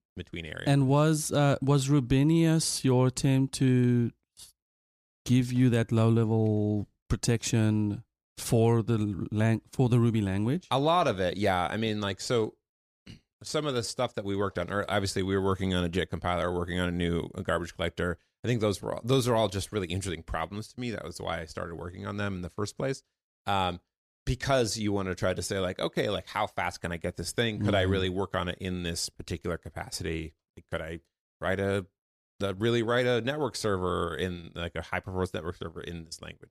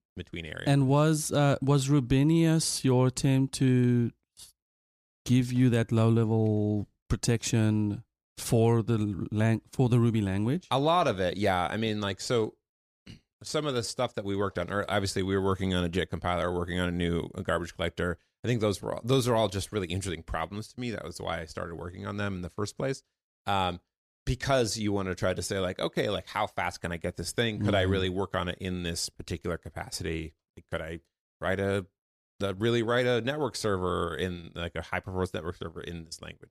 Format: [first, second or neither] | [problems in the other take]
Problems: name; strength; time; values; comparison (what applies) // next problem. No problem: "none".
neither | none